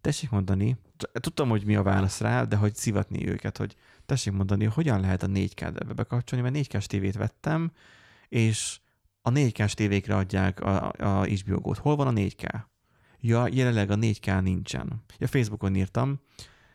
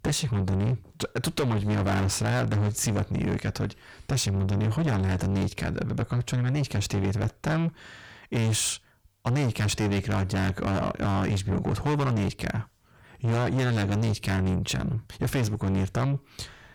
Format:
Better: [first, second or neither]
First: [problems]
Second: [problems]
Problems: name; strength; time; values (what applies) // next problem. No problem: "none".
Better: first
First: none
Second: distortion; heavy; 6 dB below the speech